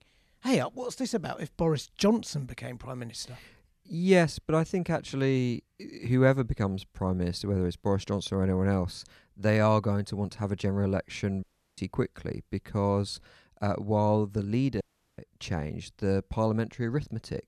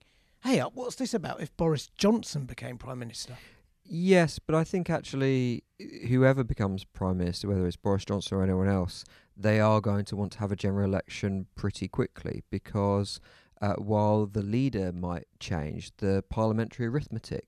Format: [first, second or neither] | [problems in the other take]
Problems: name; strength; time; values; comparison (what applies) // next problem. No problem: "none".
second | audio cutting out; at 11 s and at 15 s